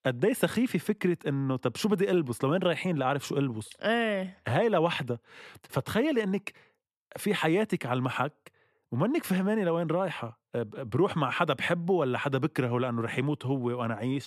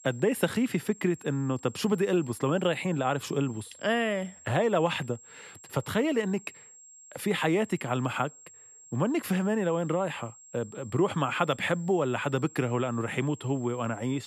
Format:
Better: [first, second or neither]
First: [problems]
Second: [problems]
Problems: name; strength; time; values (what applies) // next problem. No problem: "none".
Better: first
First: none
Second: high-pitched whine; faint; throughout; 7.5 kHz, 20 dB below the speech